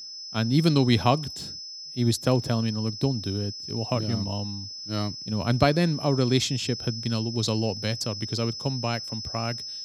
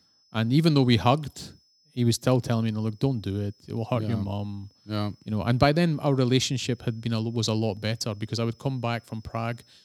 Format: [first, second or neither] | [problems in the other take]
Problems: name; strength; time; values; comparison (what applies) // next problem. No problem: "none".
second | high-pitched whine; loud; throughout; 5 kHz, 8 dB below the speech; faint in the second